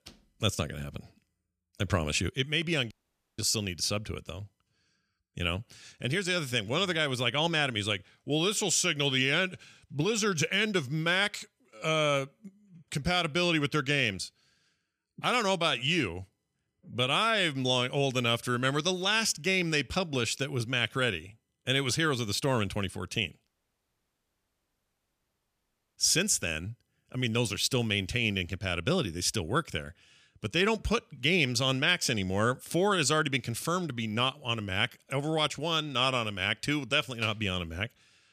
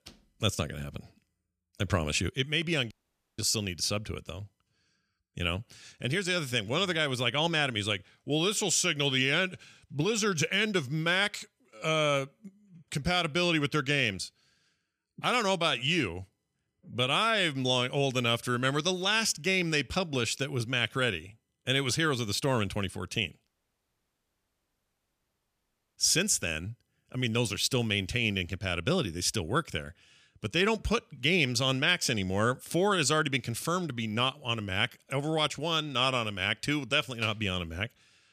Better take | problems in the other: neither | audio cutting out; at 3 s and at 23 s for 2.5 s; the same in both

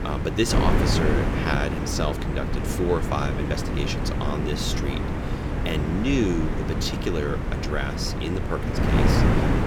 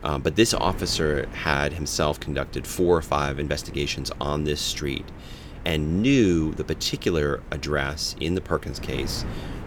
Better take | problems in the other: second | wind noise on the microphone; heavy; 1 dB below the speech; occasional gusts in the second

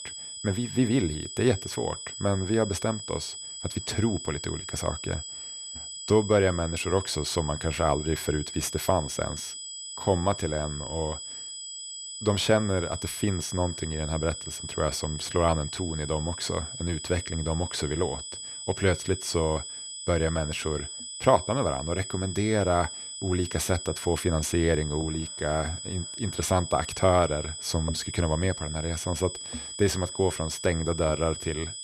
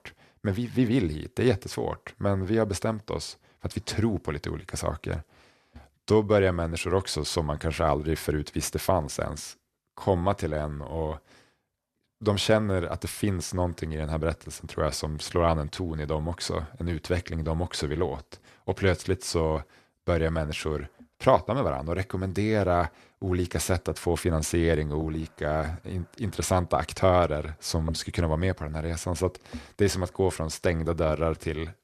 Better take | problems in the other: second | high-pitched whine; loud; throughout; 8 kHz, 8 dB below the speech

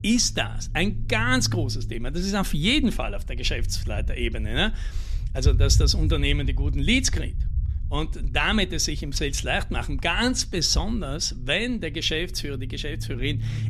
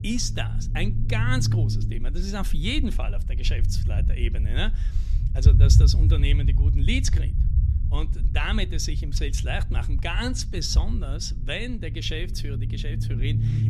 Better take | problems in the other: first | low rumble; loud; throughout; 9 dB below the speech; faint in the first

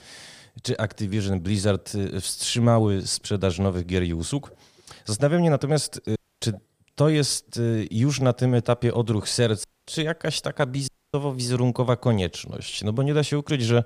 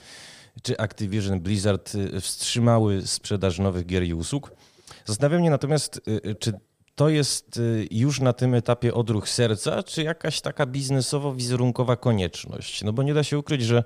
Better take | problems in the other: second | audio cutting out; at 6 s, at 9.5 s and at 11 s

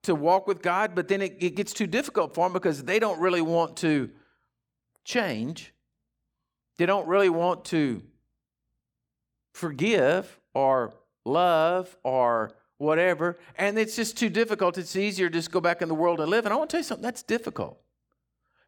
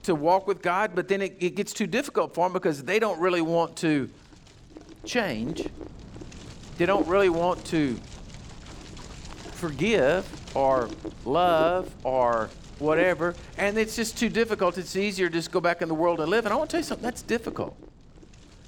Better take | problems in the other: first | wind noise on the microphone; occasional gusts; 15 dB below the speech

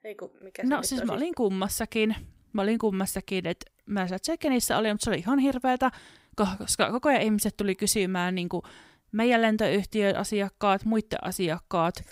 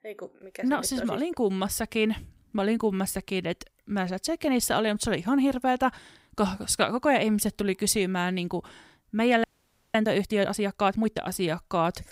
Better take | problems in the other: first | audio freezing; at 9.5 s for 0.5 s

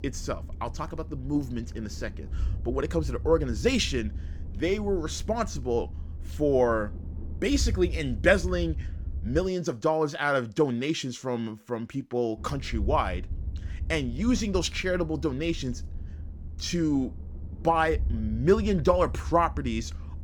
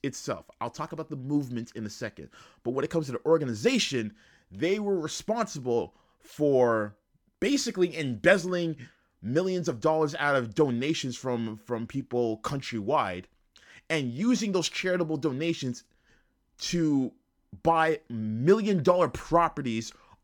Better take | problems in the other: second | low rumble; faint; until 9.5 s and from 12 s on; 25 dB below the speech

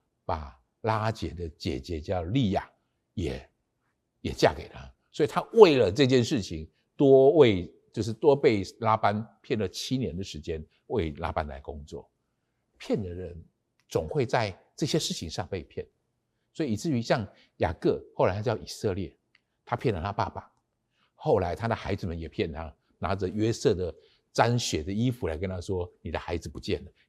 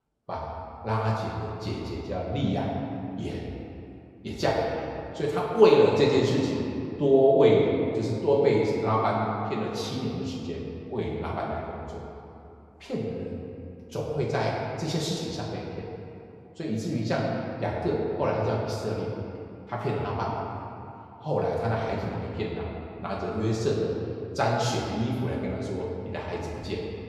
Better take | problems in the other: first | room echo; noticeable; dies away in 2.4 s // off-mic speech; far

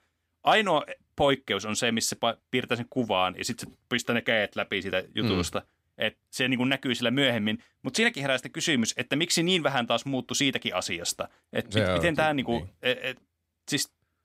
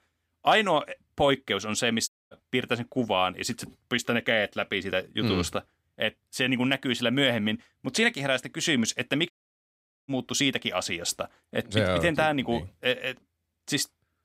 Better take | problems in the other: first | audio cutting out; at 2 s and at 9.5 s for 1 s

